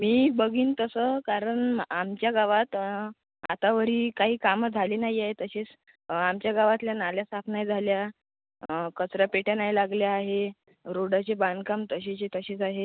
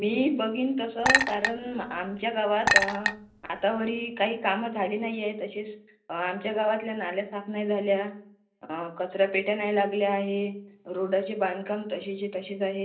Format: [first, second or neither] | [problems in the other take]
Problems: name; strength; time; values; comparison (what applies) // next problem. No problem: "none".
first | background sound (Chink, clink); 1 dB above the speech // room echo; dies away in 0.5 s